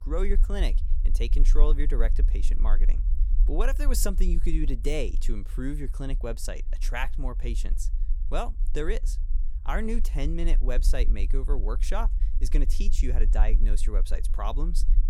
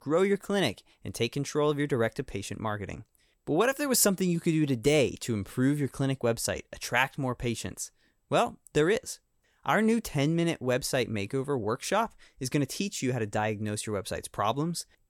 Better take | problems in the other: second | low rumble; noticeable; throughout; 15 dB below the speech

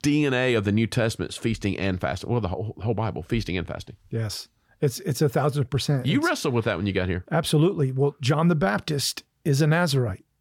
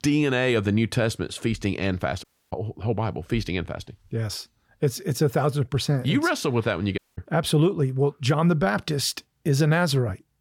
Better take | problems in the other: first | audio cutting out; at 2 s and at 7 s

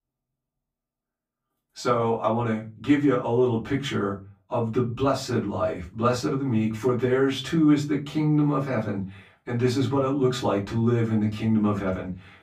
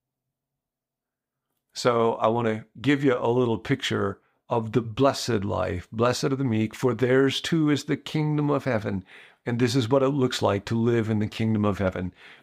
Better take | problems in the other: second | off-mic speech; far // room echo; very slight; dies away in 0.3 s

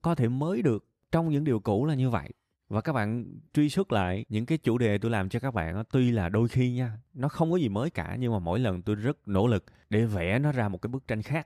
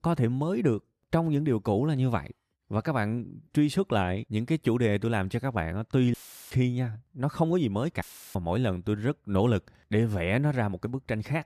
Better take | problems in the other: first | audio cutting out; filled with static; at 6 s and at 8 s

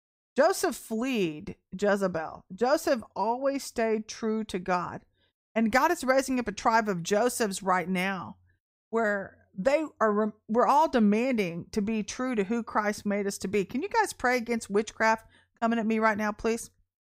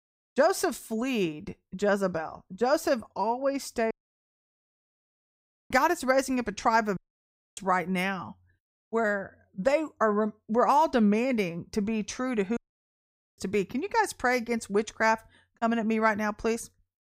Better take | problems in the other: first | audio cutting out; at 4 s for 2 s, at 7 s for 0.5 s and at 13 s for 1 s

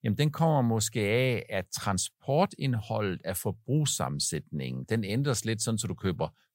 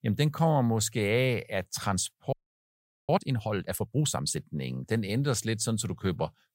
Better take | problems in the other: first | audio freezing; at 2.5 s for 1 s

